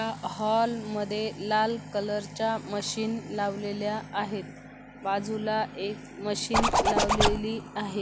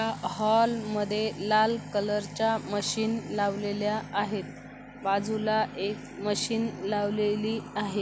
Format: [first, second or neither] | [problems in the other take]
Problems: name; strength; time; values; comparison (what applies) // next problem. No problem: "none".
second | background sound (Zipper (clothing)); 4 dB above the speech